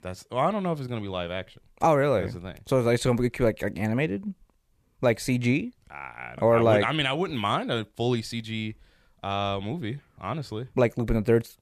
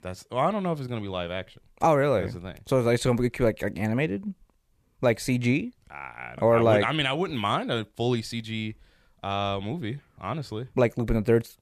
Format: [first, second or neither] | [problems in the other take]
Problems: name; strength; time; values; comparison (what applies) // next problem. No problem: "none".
neither | none